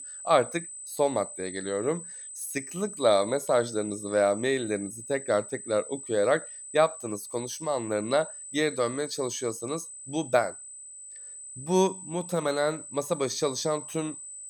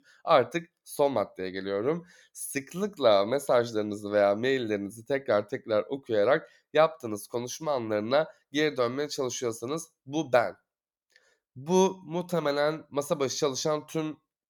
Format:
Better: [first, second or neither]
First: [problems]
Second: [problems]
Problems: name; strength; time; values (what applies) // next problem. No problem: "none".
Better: second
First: high-pitched whine; noticeable; throughout; 8 kHz, 10 dB below the speech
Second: none